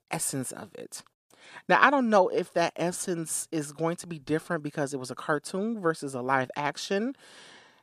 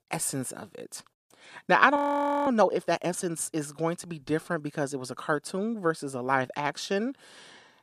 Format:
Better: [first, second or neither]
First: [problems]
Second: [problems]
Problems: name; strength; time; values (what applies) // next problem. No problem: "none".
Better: first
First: none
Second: audio freezing; at 2 s for 0.5 s